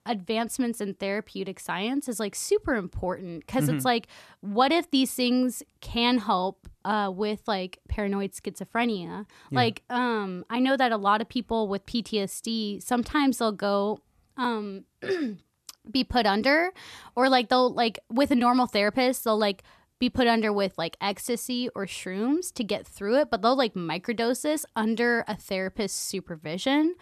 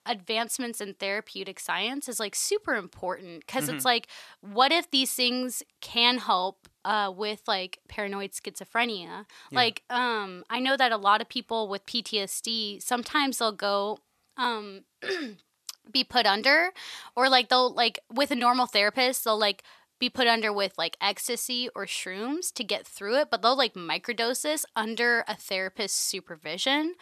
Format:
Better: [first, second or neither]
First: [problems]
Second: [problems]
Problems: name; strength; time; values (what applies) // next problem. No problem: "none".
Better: first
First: none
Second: thin; somewhat; fading below 850 Hz